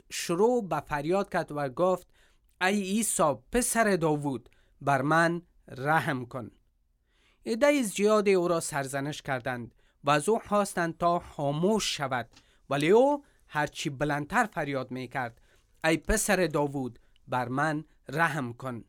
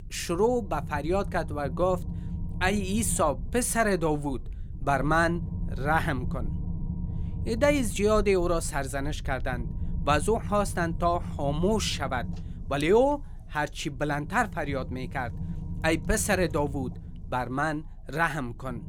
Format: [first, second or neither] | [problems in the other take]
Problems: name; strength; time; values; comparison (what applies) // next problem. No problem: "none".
first | low rumble; faint; throughout; 20 dB below the speech